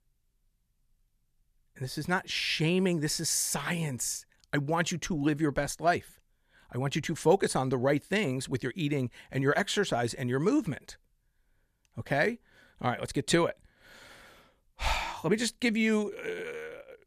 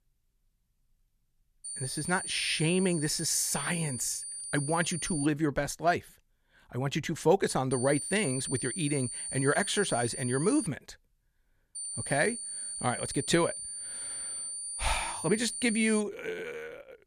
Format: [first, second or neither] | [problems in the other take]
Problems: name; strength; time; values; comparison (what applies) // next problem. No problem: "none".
first | high-pitched whine; loud; from 1.5 to 5.5 s, from 7.5 to 11 s and from 12 to 16 s; 9 kHz, 6 dB below the speech